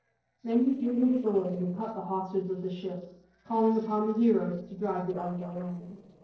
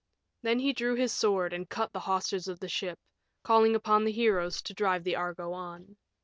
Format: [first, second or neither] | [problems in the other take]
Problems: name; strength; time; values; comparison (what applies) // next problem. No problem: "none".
second | noise reduction (neural separator model SepFormer DNS4)